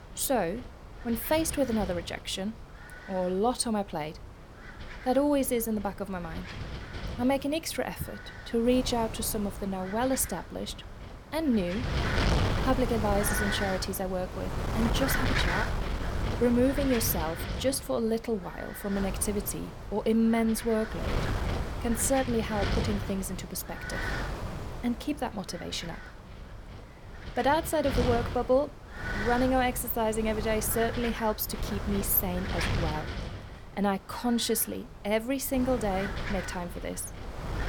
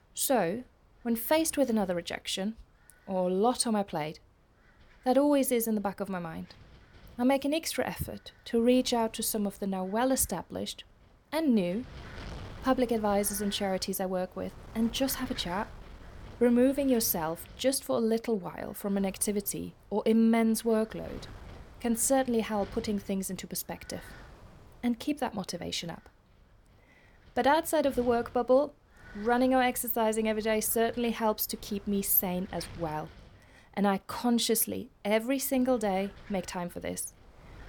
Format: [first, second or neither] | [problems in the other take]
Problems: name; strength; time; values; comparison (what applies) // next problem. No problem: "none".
second | wind noise on the microphone; heavy; 6 dB below the speech; occasional gusts in the second